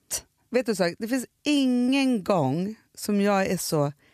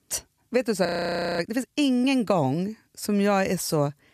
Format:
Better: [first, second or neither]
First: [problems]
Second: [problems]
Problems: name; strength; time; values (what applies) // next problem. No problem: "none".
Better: first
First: none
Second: audio freezing; at 1 s for 0.5 s